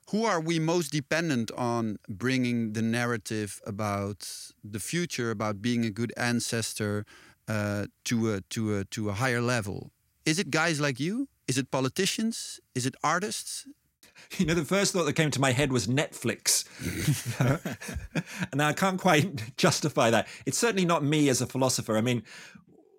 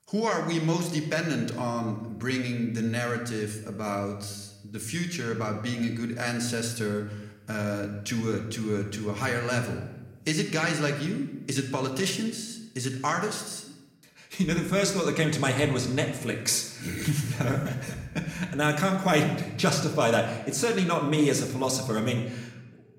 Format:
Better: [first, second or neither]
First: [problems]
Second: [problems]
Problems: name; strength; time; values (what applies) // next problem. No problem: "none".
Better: first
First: none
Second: room echo; slight; dies away in 0.8 s // off-mic speech; somewhat distant